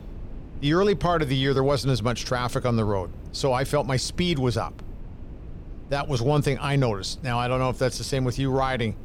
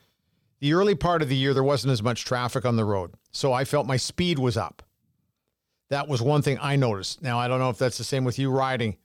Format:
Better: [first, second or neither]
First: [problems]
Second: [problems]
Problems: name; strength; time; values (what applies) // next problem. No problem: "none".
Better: second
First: low rumble; faint; throughout; 25 dB below the speech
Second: none